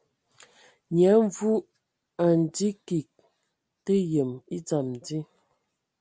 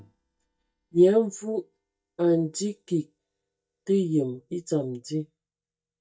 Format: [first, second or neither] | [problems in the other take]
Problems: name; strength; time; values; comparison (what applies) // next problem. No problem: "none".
first | noise reduction (neural mask model DeepFilterNet 3)